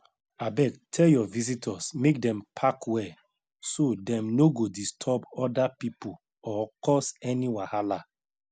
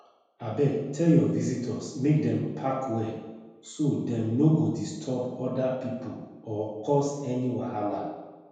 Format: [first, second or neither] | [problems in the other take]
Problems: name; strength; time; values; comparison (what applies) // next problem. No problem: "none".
first | room echo; dies away in 1.2 s